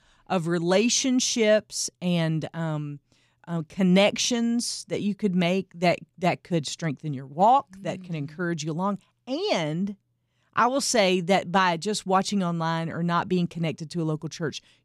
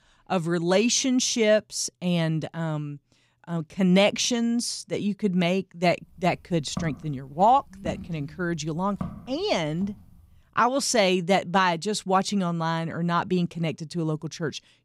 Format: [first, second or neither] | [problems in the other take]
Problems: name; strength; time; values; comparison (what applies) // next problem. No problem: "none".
first | footsteps; faint; from 7 to 10 s; peak 10 dB below the speech